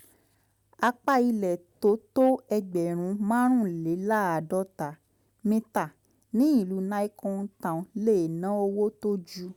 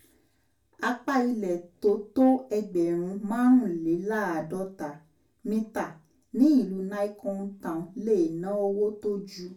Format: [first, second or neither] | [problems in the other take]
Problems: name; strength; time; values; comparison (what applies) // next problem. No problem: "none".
first | room echo; dies away in 0.3 s